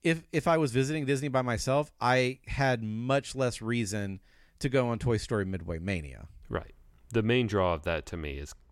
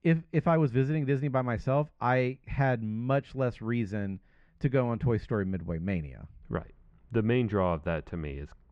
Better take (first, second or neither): first